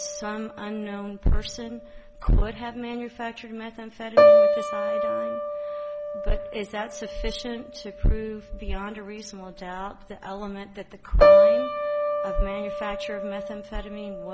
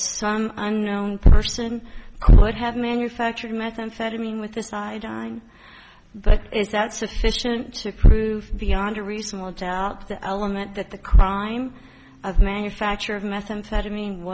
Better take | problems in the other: second | background sound (Piano); 4 dB above the speech

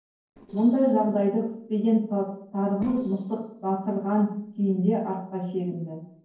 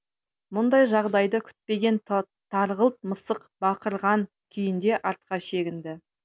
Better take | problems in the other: second | noise reduction (neural separator model SepFormer DNS4)

